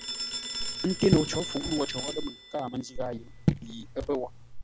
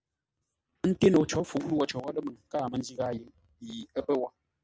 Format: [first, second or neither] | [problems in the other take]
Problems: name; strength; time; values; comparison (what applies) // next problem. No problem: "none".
second | background sound (Raindrop / Drip + Telephone); 1 dB below the speech